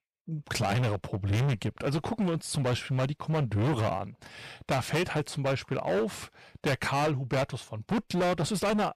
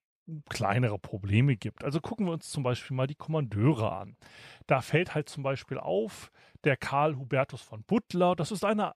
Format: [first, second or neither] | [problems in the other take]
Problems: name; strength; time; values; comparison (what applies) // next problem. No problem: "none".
second | distortion; heavy; 18% of the sound clipped